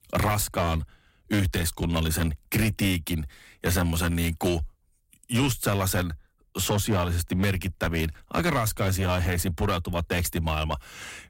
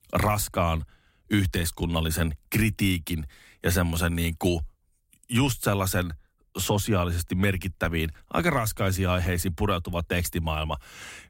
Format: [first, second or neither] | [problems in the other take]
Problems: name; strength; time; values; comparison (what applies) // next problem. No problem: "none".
second | distortion; slight; 9% of the sound clipped